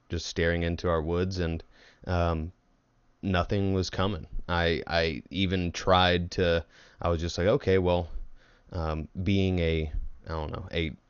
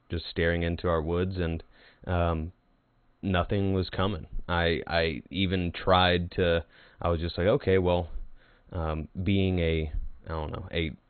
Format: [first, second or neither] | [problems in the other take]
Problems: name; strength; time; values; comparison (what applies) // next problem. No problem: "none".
first | garbled, watery; badly; nothing above 4 kHz; slightly in the first